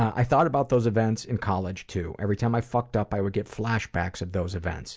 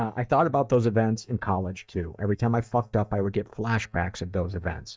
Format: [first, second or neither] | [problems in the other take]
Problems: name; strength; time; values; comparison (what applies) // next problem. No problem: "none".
first | noise reduction (neural mask model DeepFilterNet 3)